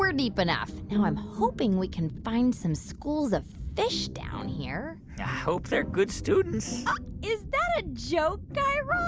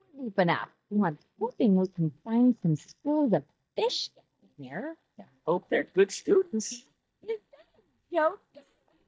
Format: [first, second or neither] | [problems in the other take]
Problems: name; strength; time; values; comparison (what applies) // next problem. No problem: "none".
first | noise reduction (neural mask model DeepFilterNet 3)